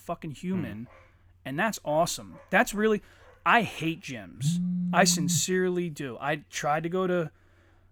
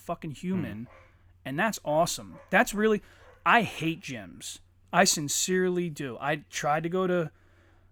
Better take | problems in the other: second | phone ringing; noticeable; from 4.5 to 5.5 s; peak 1 dB below the speech

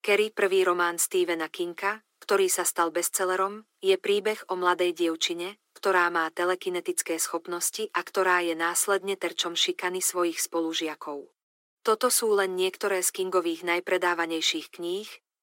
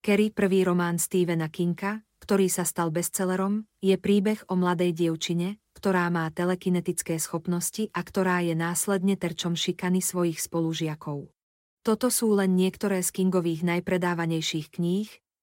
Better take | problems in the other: second | thin; very; fading below 300 Hz

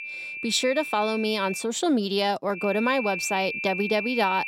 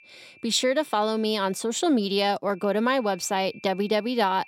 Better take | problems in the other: second | high-pitched whine; loud; until 1.5 s and from 2.5 s on; 2.5 kHz, 6 dB below the speech; faint in the second

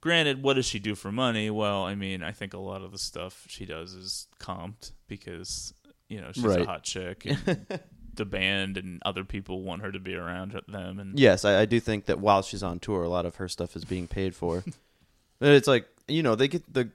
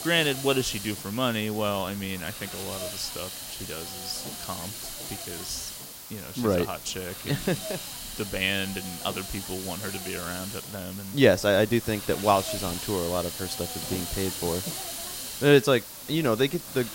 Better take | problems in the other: first | hiss; loud; throughout; 8 dB below the speech

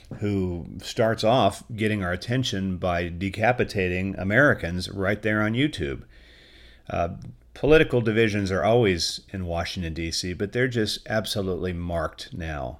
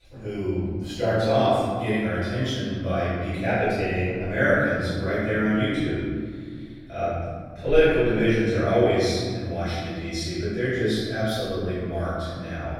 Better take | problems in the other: first | off-mic speech; far // room echo; strong; dies away in 2 s

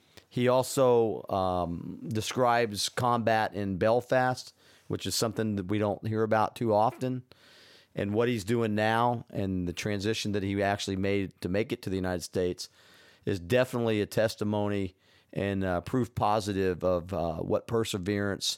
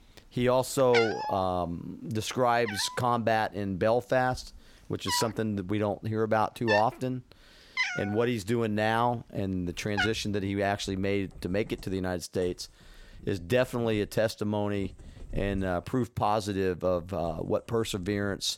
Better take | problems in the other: first | animal sounds; loud; throughout; 5 dB below the speech

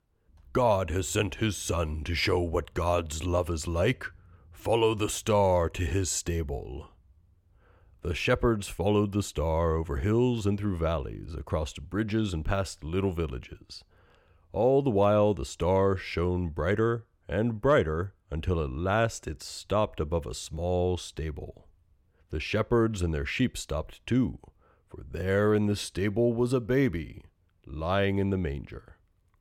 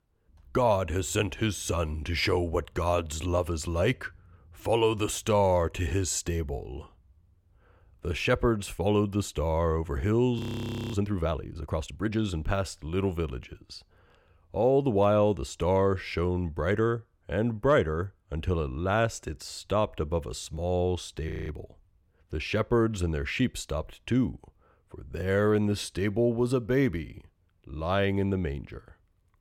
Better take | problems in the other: first | audio freezing; at 10 s for 0.5 s and at 21 s

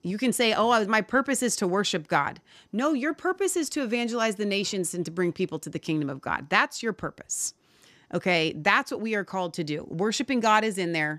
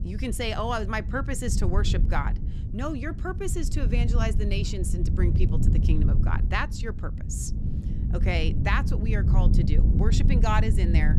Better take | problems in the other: first | wind noise on the microphone; heavy; 8 dB below the speech

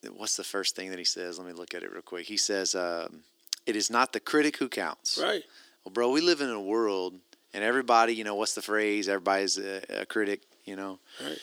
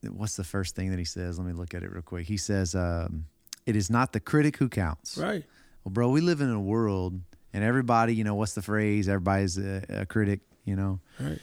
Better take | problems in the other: second | thin; somewhat; fading below 350 Hz

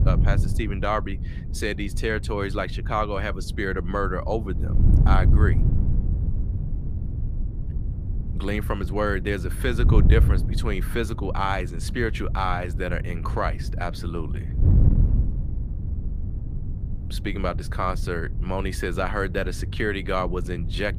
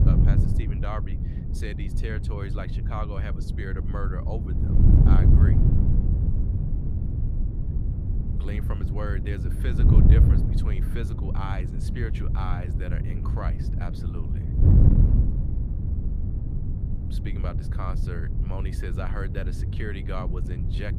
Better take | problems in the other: first | wind noise on the microphone; heavy; as loud as the speech; occasional gusts in the first

